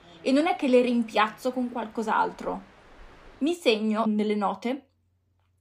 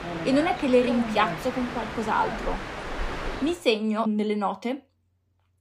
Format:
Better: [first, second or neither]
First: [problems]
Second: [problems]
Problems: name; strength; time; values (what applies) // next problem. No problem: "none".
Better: first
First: train or aircraft noise; faint; until 3.5 s; 25 dB below the speech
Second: train or aircraft noise; loud; until 3.5 s; 7 dB below the speech